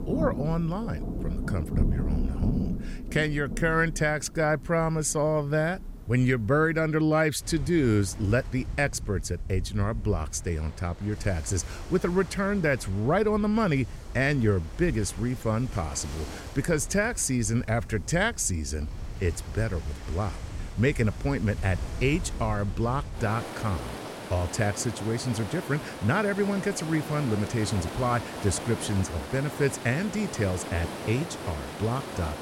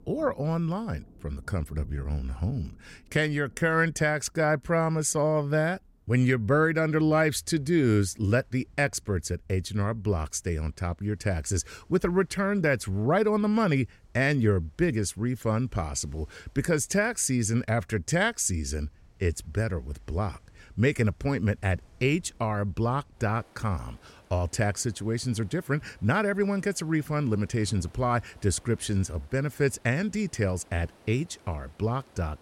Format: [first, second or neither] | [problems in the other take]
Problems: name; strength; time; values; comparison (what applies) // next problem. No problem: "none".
second | rain or running water; loud; throughout; 10 dB below the speech; faint in the second